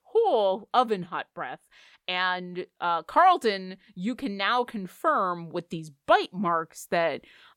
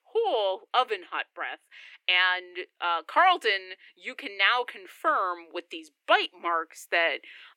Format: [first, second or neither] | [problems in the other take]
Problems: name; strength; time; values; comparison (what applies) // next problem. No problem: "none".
first | thin; very; fading below 300 Hz